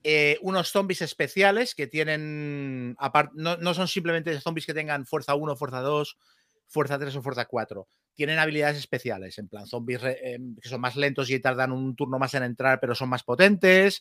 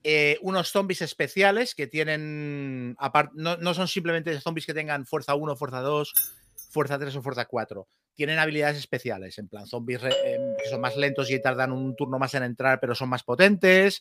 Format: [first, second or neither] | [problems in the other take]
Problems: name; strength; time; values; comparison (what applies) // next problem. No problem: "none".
first | jangling keys; loud; at 6 s; peak 2 dB above the speech // doorbell; noticeable; from 10 to 12 s; peak level with the speech